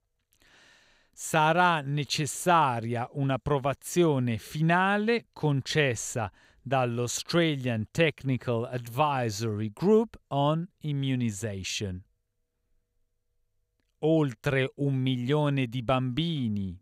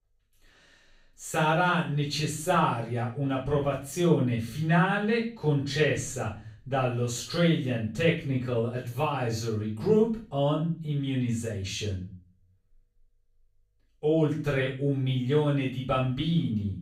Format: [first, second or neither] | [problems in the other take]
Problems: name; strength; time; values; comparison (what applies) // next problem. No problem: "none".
first | off-mic speech; far // room echo; noticeable; dies away in 0.4 s